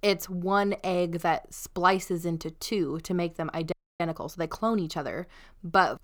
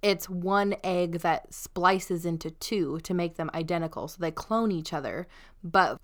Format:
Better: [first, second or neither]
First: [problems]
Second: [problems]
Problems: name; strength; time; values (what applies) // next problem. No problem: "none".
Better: second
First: audio freezing; at 3.5 s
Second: none